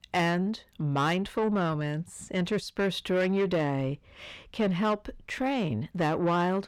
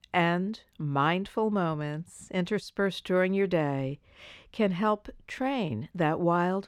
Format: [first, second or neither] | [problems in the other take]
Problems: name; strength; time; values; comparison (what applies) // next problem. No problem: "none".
second | distortion; slight; 10 dB below the speech